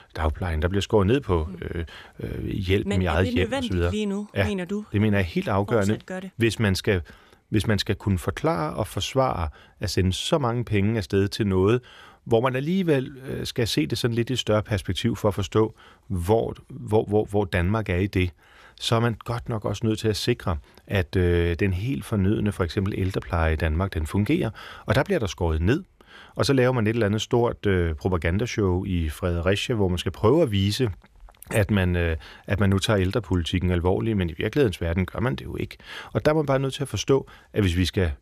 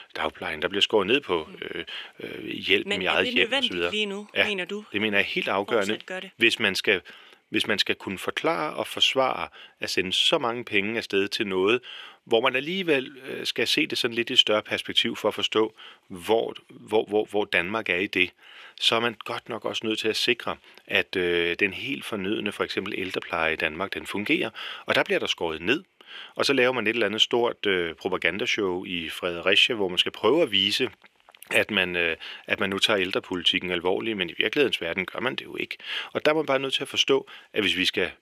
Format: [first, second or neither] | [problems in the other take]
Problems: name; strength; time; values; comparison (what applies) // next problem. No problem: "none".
first | thin; somewhat; fading below 350 Hz